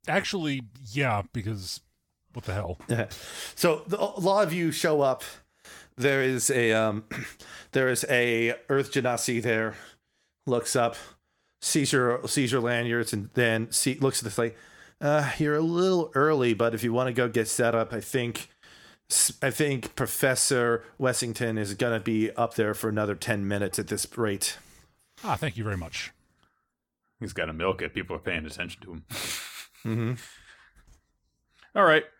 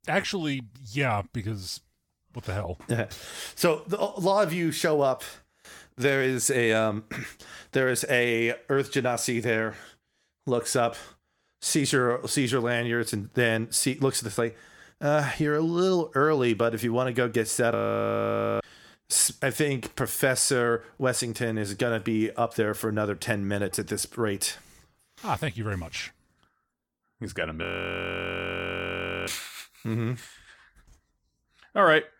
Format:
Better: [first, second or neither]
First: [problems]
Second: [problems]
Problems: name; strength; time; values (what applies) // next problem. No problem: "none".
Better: first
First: none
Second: audio freezing; at 18 s for 1 s and at 28 s for 1.5 s